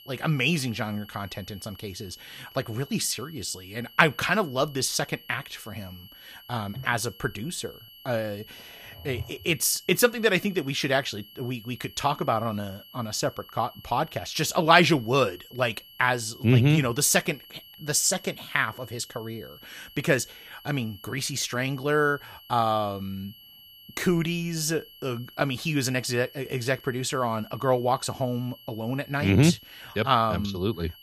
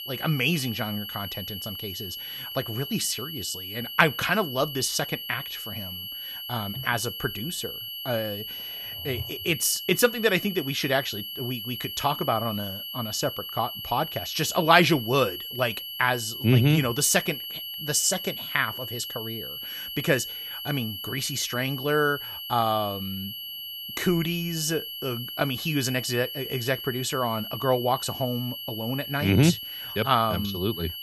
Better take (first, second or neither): first